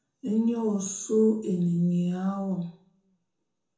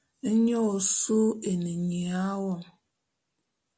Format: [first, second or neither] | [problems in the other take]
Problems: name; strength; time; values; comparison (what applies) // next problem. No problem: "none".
second | room echo; dies away in 0.6 s